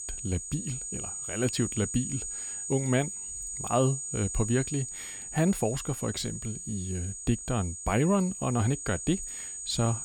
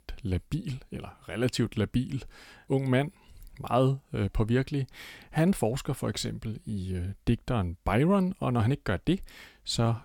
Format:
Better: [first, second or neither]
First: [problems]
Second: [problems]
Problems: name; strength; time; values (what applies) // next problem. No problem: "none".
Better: second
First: high-pitched whine; loud; throughout; 7 kHz, 5 dB below the speech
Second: none